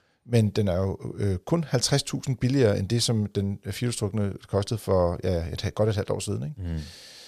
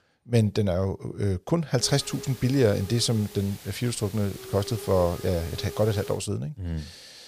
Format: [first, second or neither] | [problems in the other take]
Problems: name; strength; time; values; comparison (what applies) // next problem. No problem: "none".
first | hiss; noticeable; from 2 to 6 s; 15 dB below the speech